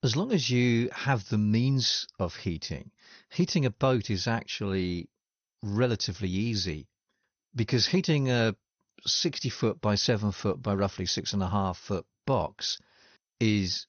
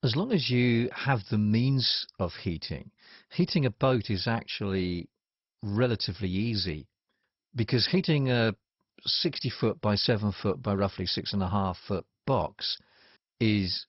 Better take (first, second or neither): first